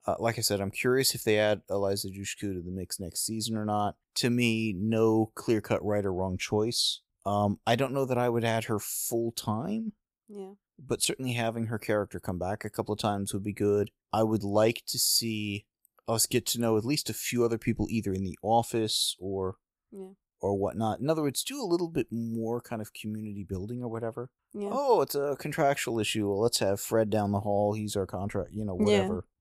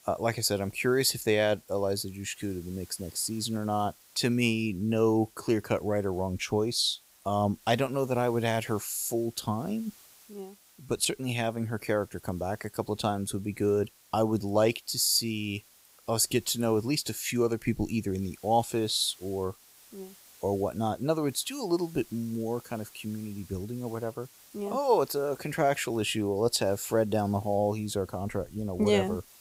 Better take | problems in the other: first | hiss; faint; throughout; 25 dB below the speech

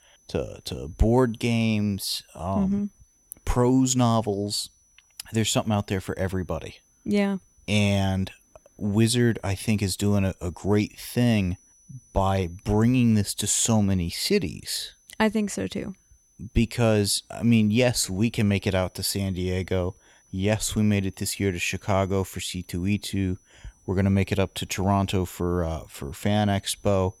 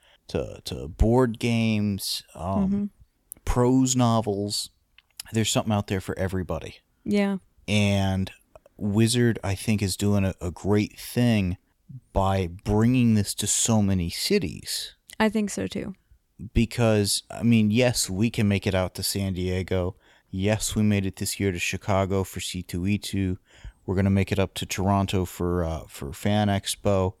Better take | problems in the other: second | high-pitched whine; faint; throughout; 6 kHz, 35 dB below the speech

